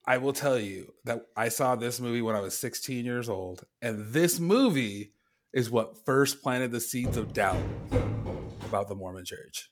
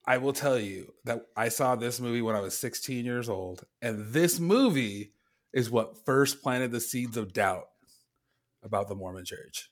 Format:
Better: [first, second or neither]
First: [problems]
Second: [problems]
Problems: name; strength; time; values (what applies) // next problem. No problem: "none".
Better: second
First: footsteps; noticeable; from 7 to 8.5 s; peak 1 dB below the speech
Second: none